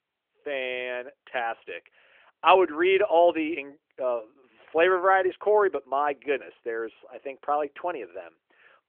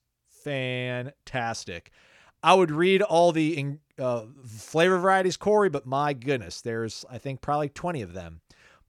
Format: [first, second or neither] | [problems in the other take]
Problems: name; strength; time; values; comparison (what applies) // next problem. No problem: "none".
second | phone-call audio; nothing above 3.5 kHz